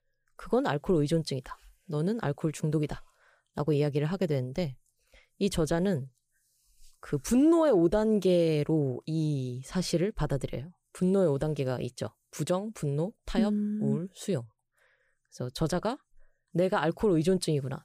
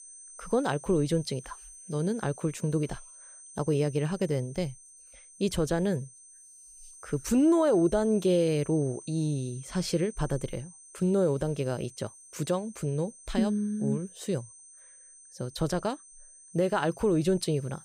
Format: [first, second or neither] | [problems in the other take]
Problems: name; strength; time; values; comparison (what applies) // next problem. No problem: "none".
first | high-pitched whine; noticeable; throughout; 8.5 kHz, 20 dB below the speech